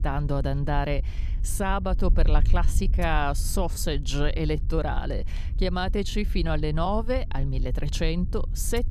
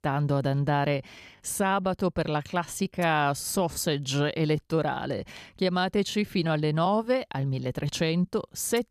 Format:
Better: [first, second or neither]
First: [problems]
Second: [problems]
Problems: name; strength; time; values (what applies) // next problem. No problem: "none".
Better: second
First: wind noise on the microphone; occasional gusts; 20 dB below the speech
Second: none